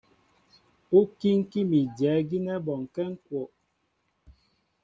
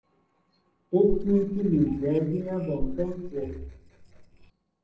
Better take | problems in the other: first | noise reduction (neural separator model SepFormer DNS4)

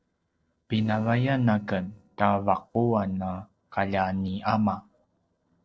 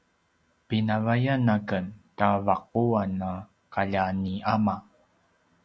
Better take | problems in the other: second | noise reduction (neural separator model SepFormer DNS4)

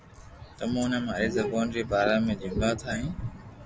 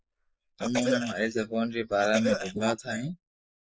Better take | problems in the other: first | noise reduction (neural mask model Resemble Enhance denoiser)

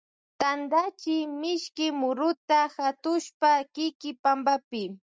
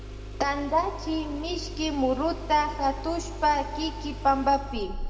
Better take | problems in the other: first | background sound (Engine starting); 9 dB below the speech // room echo; dies away in 2 s

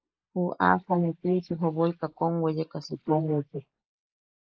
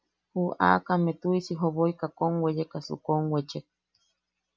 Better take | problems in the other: second | noise reduction (neural mask model Resemble Enhance denoiser)

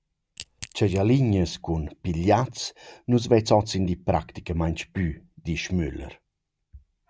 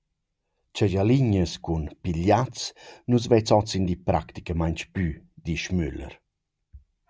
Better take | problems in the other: second | background sound (Crack / Crushing); 19 dB below the speech

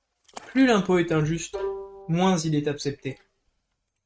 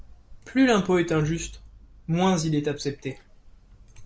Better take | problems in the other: second | noise reduction (neural mask model RNNoise)

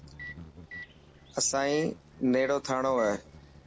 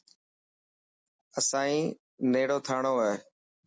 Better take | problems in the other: second | background sound (Microwave oven + Insect); 16 dB below the speech

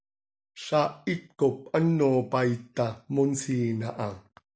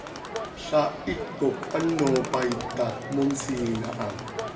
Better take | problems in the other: first | background sound (Crowd); 8 dB below the speech // room echo; dies away in 2 s

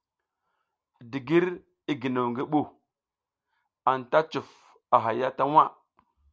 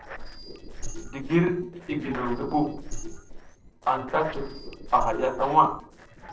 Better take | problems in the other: first | noise reduction (neural separator model SepFormer DNS4)

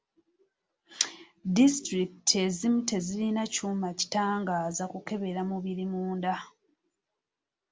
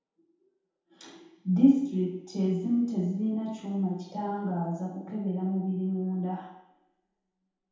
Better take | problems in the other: first | room echo; dies away in 0.8 s

